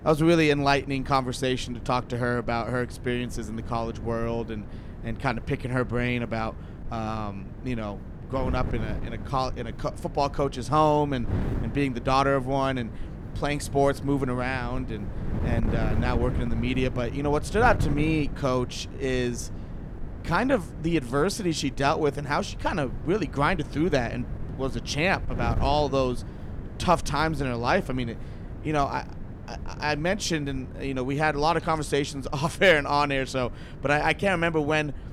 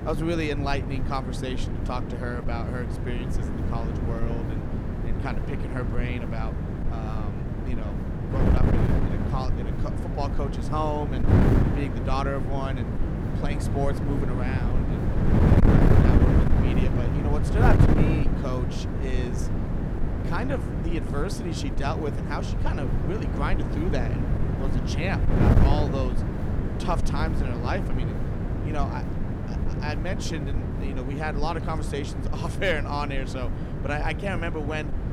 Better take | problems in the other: first | wind noise on the microphone; heavy; 1 dB below the speech; occasional gusts in the first

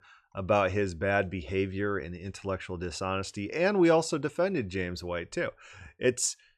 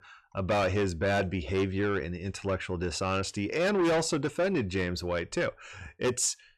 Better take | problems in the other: first | distortion; heavy; 8 dB below the speech

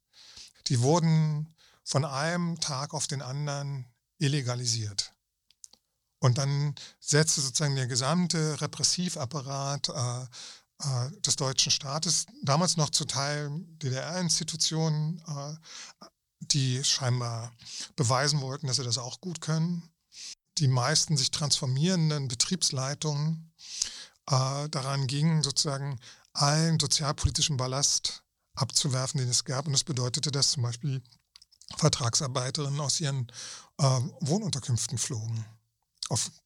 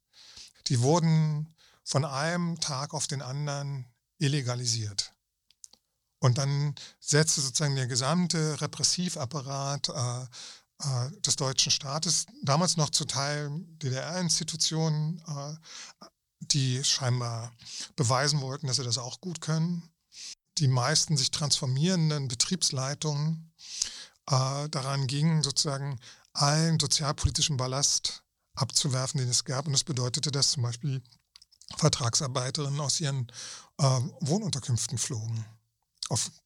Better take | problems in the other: neither | none

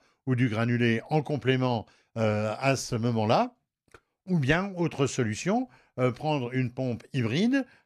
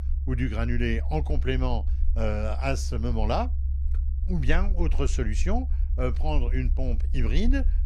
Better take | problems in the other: first | low rumble; noticeable; throughout; 15 dB below the speech

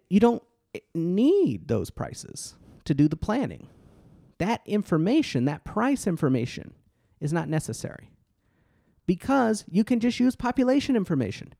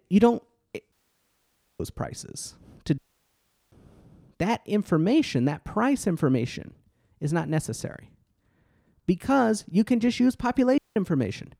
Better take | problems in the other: first | audio cutting out; at 1 s for 1 s, at 3 s for 0.5 s and at 11 s

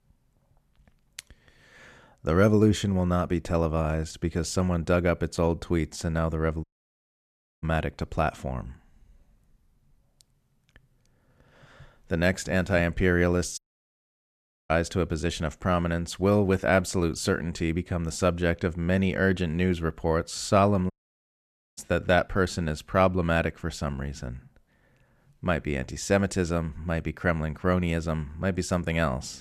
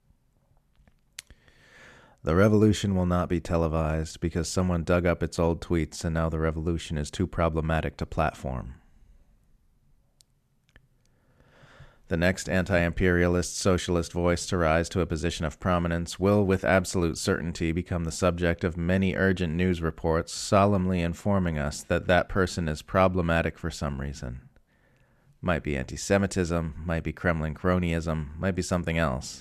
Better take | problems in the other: second | audio cutting out; at 6.5 s for 1 s, at 14 s for 1 s and at 21 s for 1 s

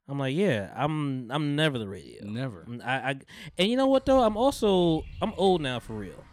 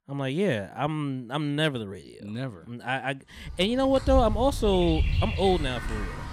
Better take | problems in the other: first | animal sounds; loud; from 3.5 s on; 5 dB below the speech; faint in the first

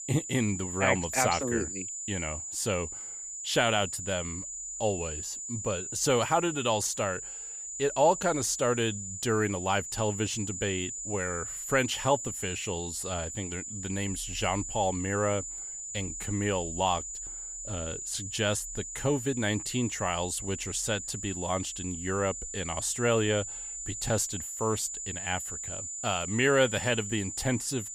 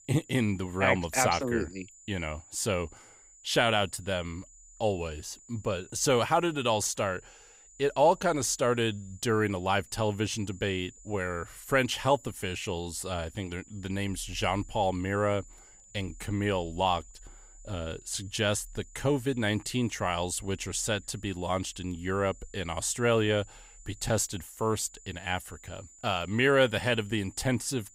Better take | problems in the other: second | high-pitched whine; loud; throughout; 7 kHz, 6 dB below the speech; faint in the second

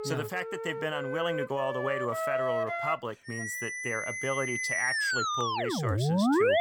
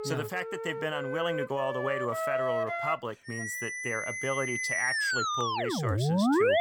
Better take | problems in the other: neither | background music; very loud; throughout; 3 dB above the speech; the same in both

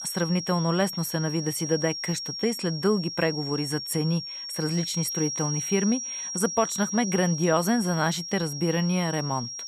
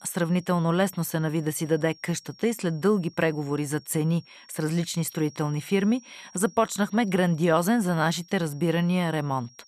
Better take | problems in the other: second | high-pitched whine; loud; throughout; 5.5 kHz, 5 dB below the speech; faint in the second

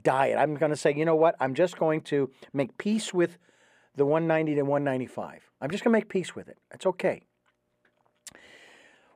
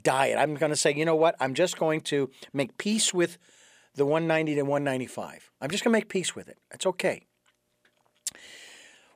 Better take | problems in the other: second | muffled; slightly; fading above 2.5 kHz

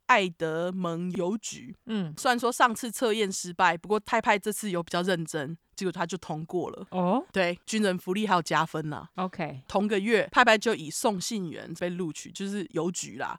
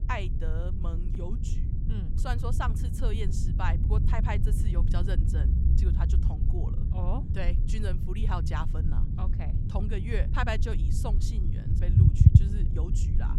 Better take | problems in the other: first | low rumble; loud; throughout; 3 dB below the speech

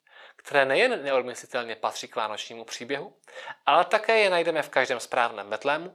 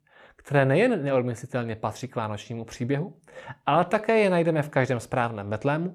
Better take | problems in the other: second | thin; very; fading below 550 Hz

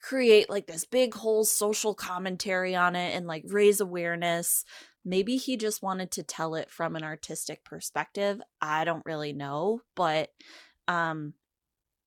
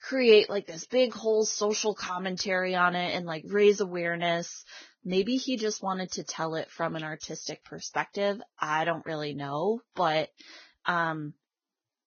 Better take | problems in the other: first | garbled, watery; badly; nothing above 6.5 kHz

